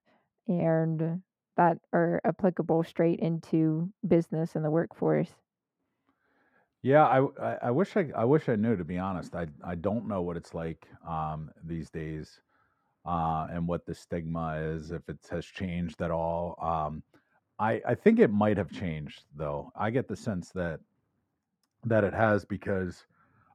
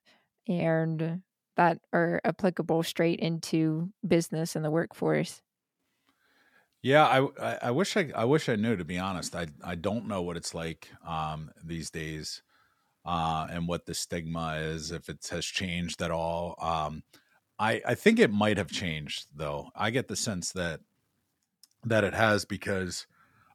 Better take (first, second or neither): second